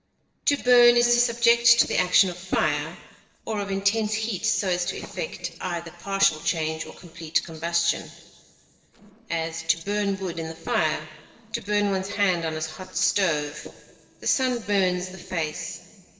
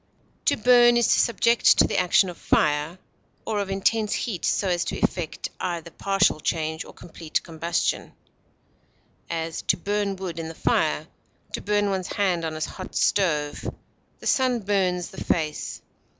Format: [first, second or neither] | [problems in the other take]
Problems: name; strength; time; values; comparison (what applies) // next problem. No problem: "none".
second | noise reduction (neural separator model SepFormer DNS4)